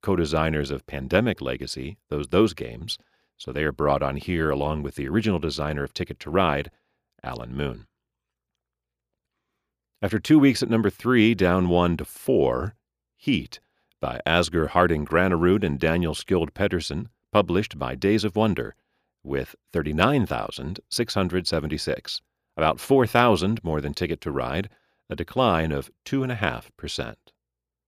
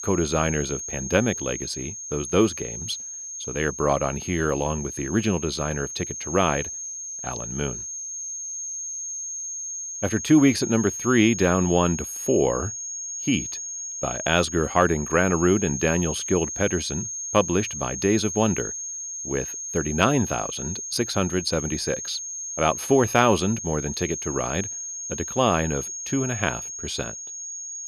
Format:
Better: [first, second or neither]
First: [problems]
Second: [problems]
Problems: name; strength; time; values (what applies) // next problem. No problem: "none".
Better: first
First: none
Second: high-pitched whine; loud; throughout; 6.5 kHz, 6 dB below the speech